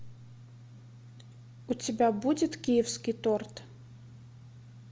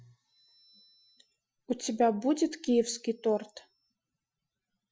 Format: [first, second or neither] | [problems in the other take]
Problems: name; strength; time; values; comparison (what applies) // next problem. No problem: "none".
first | noise reduction (classical method Wiener filter)